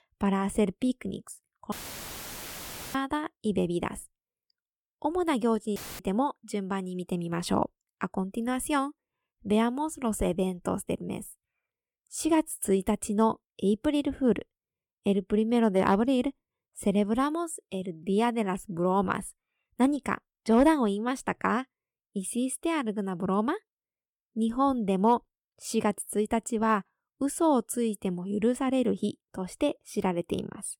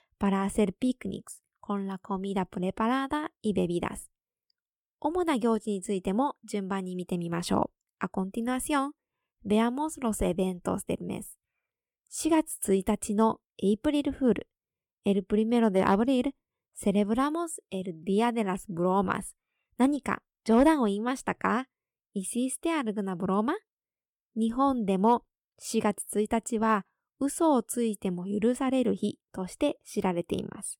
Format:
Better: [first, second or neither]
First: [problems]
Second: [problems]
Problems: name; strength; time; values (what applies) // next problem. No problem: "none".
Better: second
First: audio cutting out; filled with static; at 1.5 s for 1 s and at 6 s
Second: none